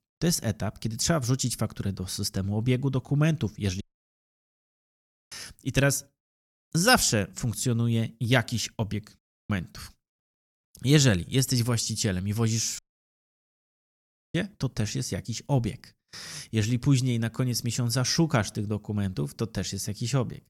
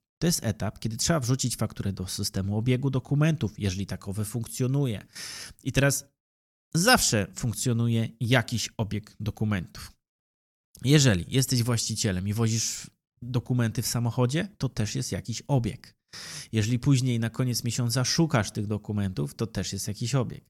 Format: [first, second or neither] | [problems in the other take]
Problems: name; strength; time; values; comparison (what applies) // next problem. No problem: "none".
second | audio cutting out; at 4 s for 1.5 s, at 9 s and at 13 s for 1.5 s